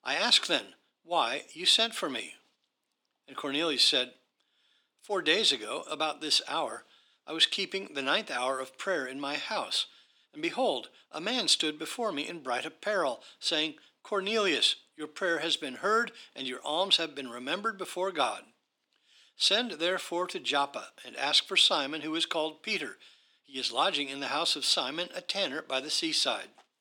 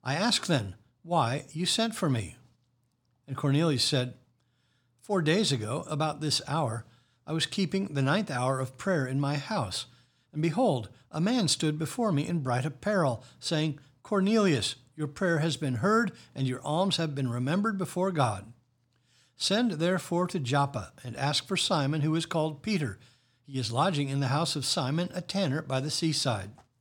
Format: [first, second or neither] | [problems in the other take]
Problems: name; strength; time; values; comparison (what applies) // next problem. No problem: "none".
second | thin; somewhat; fading below 300 Hz